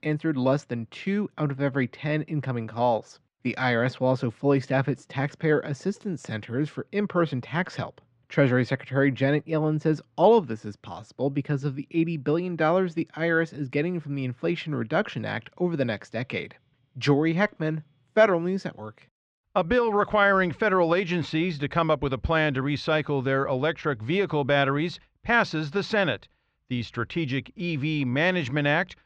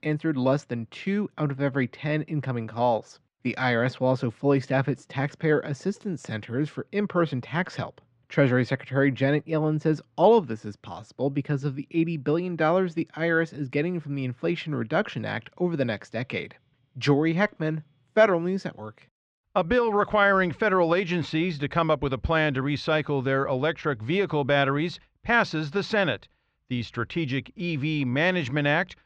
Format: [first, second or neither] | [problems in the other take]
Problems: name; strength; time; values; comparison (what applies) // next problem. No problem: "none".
neither | muffled; slightly; fading above 2.5 kHz; the same in both